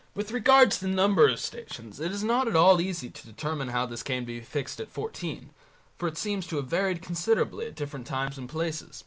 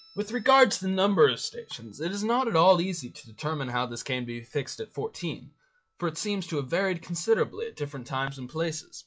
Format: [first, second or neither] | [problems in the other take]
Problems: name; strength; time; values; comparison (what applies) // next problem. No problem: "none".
first | noise reduction (classical method log-MMSE)